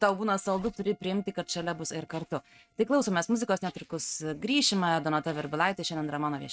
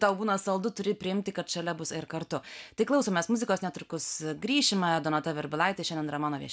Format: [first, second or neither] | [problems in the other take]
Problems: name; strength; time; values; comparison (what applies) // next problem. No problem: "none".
second | noise reduction (neural mask model RNNoise)